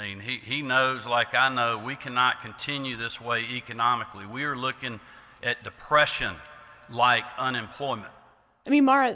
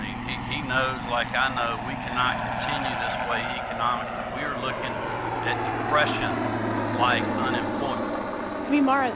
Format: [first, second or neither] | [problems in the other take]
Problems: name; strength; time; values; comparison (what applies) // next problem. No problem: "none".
first | background sound (Aircraft); as loud as the speech